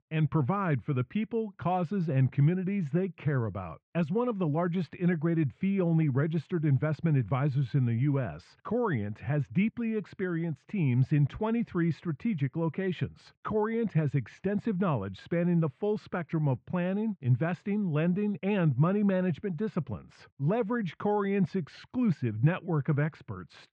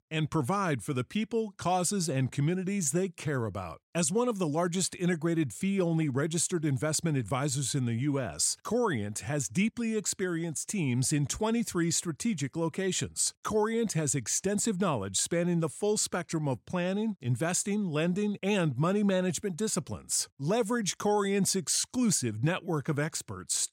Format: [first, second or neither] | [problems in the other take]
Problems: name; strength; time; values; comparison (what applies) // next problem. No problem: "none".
second | muffled; very; fading above 2.5 kHz